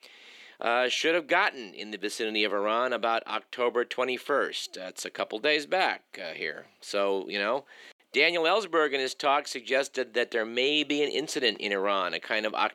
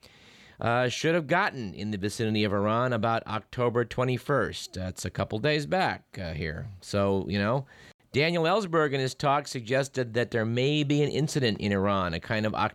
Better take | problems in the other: second | thin; somewhat; fading below 300 Hz

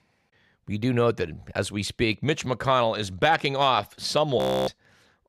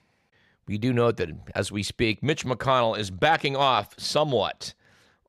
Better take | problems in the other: second | audio freezing; at 4.5 s

